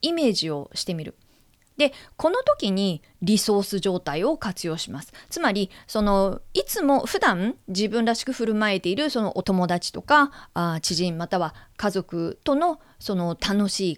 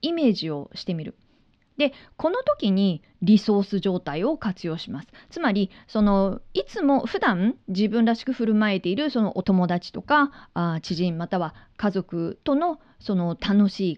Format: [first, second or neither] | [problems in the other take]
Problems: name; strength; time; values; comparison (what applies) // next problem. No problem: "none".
first | muffled; very slightly; fading above 4 kHz